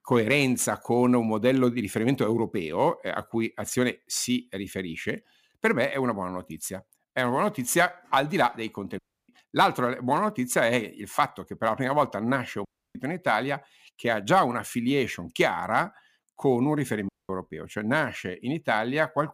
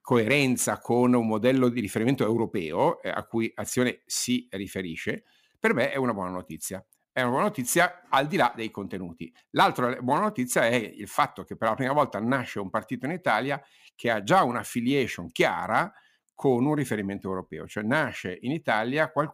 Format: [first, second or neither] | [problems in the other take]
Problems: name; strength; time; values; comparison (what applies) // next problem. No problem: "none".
second | audio cutting out; at 9 s, at 13 s and at 17 s